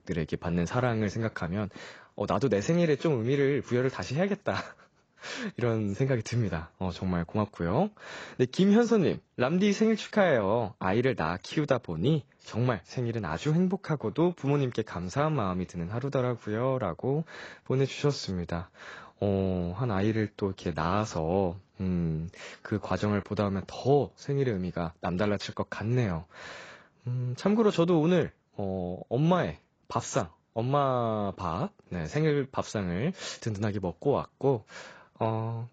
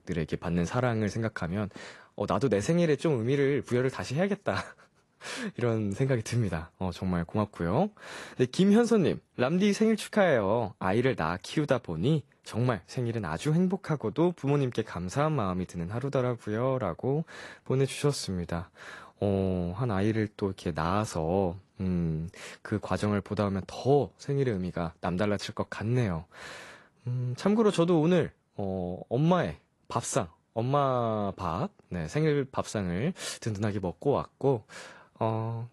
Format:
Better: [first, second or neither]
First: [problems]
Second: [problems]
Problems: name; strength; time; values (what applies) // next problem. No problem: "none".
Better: second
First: garbled, watery; badly; nothing above 7.5 kHz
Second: garbled, watery; slightly; nothing above 11.5 kHz